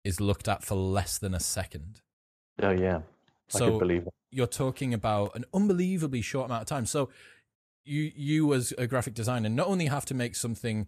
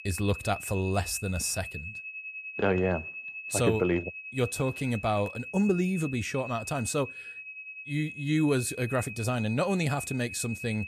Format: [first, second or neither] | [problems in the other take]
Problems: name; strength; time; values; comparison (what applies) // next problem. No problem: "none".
first | high-pitched whine; loud; throughout; 2.5 kHz, 10 dB below the speech